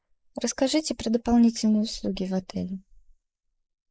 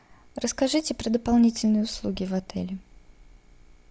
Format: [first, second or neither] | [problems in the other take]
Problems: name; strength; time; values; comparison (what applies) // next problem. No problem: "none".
second | noise reduction (neural mask model Resemble Enhance denoiser)